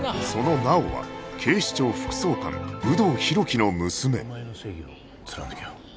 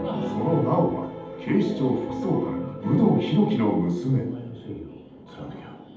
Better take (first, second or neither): first